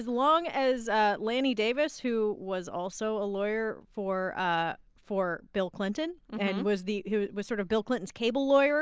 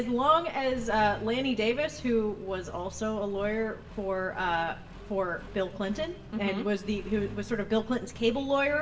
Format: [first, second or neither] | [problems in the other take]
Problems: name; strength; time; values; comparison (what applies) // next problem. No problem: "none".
first | background sound (Accelerating, revving, vroom); 15 dB below the speech // room echo; dies away in 0.7 s